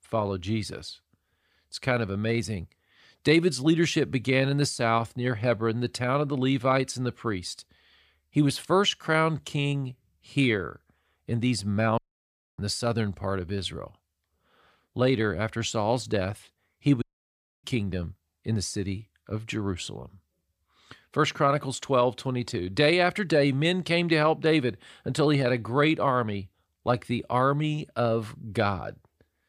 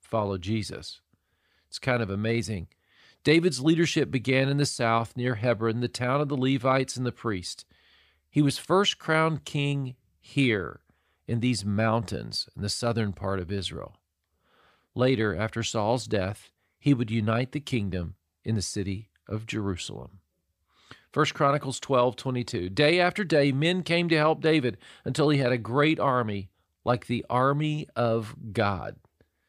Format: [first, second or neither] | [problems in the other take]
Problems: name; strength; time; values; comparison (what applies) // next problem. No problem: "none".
second | audio cutting out; at 12 s for 0.5 s and at 17 s for 0.5 s